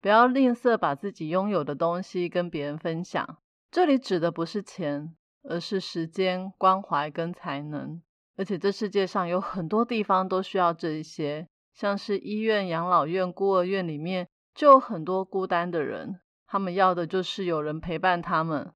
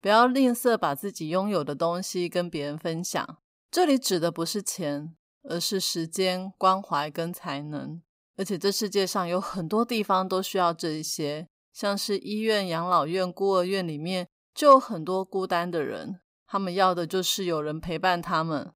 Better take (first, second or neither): second